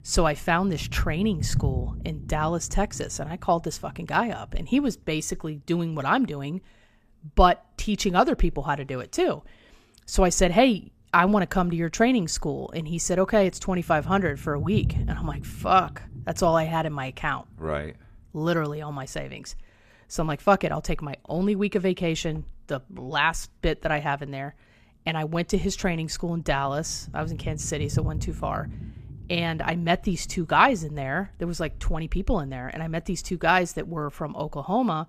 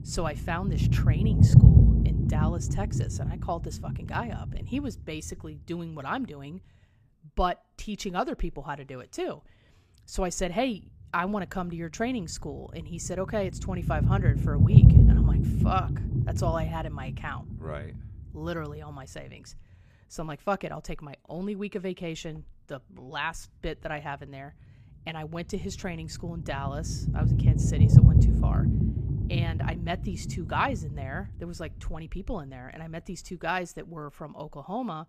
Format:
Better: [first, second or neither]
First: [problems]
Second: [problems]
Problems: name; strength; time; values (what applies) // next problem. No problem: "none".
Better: first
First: low rumble; faint; throughout; 20 dB below the speech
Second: low rumble; loud; throughout; 1 dB below the speech